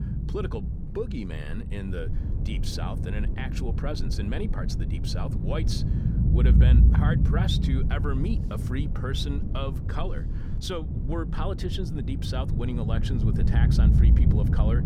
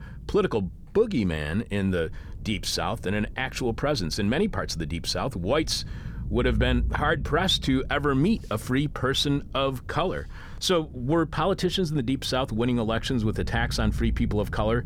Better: second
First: low rumble; loud; throughout; 3 dB below the speech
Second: low rumble; faint; throughout; 25 dB below the speech

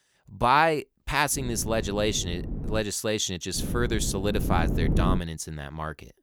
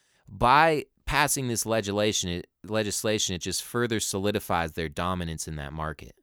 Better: second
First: wind noise on the microphone; occasional gusts; from 1.5 to 3 s and from 3.5 to 5 s; 15 dB below the speech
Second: none

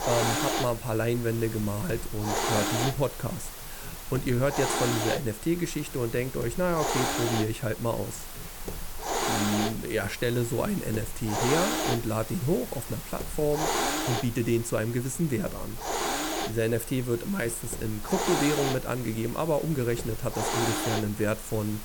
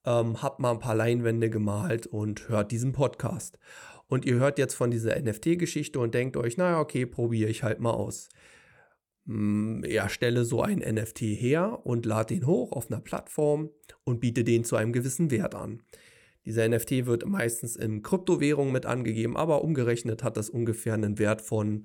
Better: second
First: hiss; loud; throughout; 3 dB below the speech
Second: none

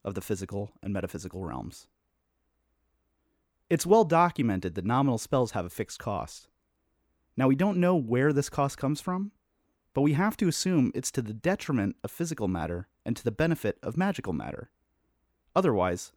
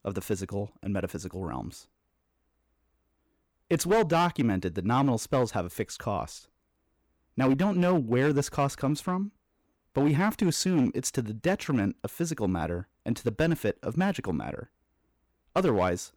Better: first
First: none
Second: distortion; slight; 4% of the sound clipped

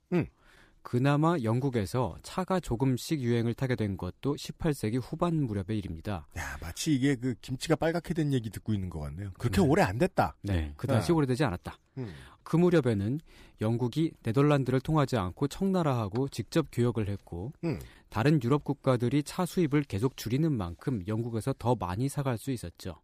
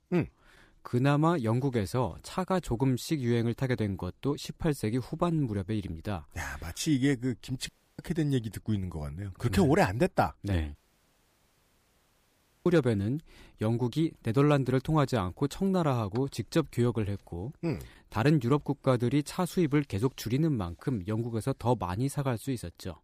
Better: first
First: none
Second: audio cutting out; at 7.5 s and at 11 s for 2 s

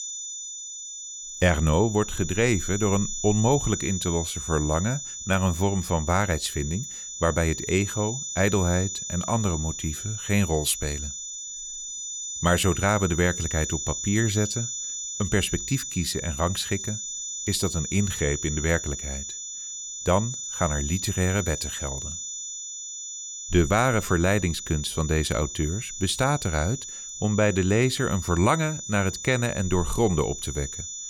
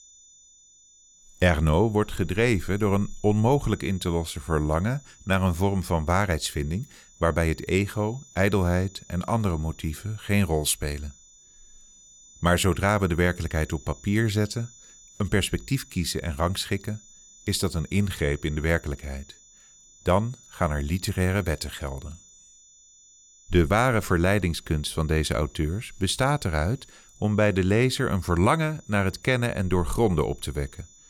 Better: second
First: high-pitched whine; loud; throughout; 7 kHz, 6 dB below the speech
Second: high-pitched whine; faint; throughout; 7 kHz, 25 dB below the speech

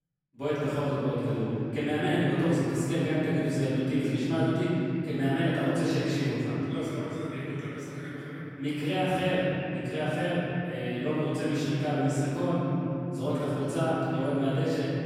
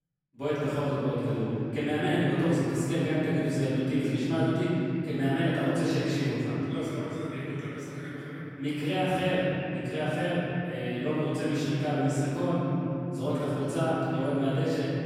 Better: neither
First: off-mic speech; far // room echo; strong; dies away in 3 s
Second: off-mic speech; far // room echo; strong; dies away in 3 s

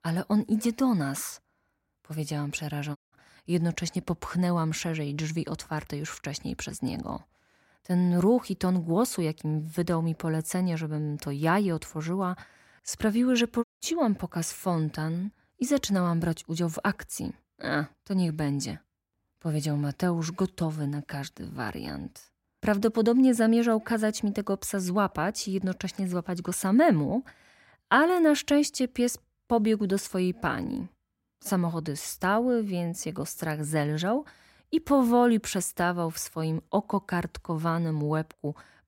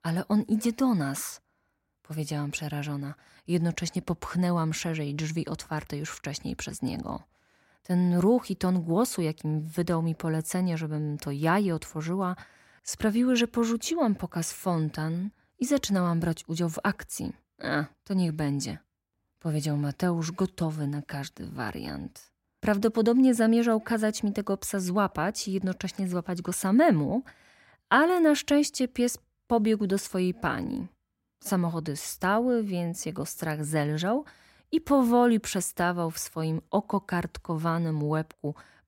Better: second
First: audio cutting out; at 3 s and at 14 s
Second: none

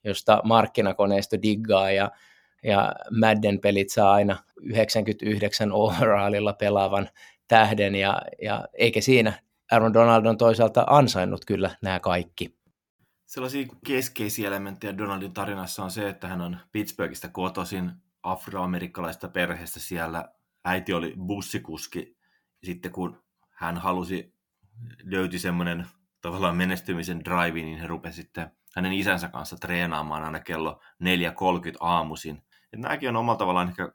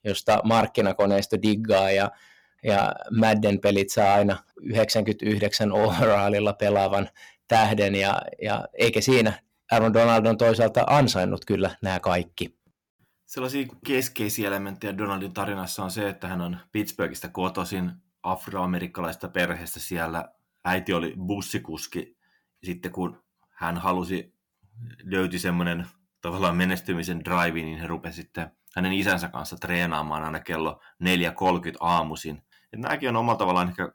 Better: first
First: none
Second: distortion; slight; 2% of the sound clipped

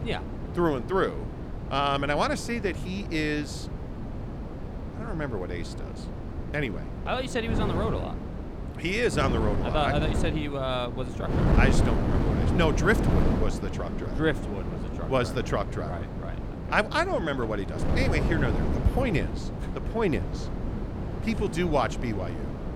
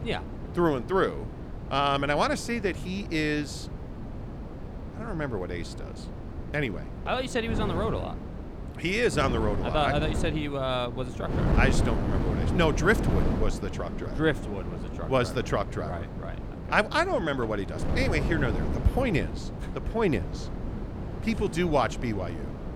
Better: second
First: wind noise on the microphone; heavy; 8 dB below the speech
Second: wind noise on the microphone; occasional gusts; 10 dB below the speech

